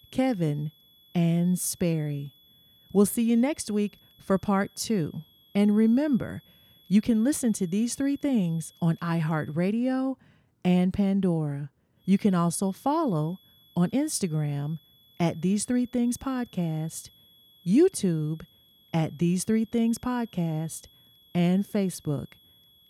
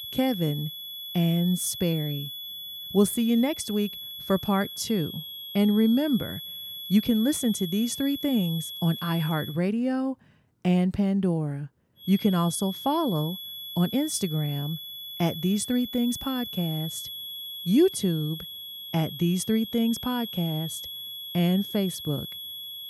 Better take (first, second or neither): first